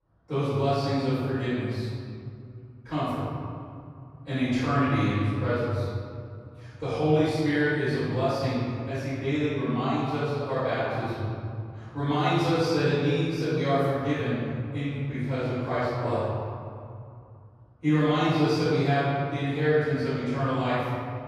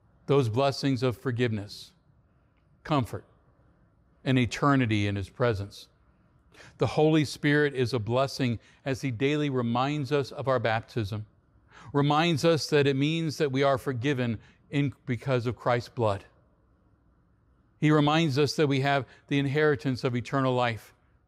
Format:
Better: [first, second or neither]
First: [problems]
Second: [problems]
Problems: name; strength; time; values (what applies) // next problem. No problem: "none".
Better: second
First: off-mic speech; far // room echo; strong; dies away in 2.4 s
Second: none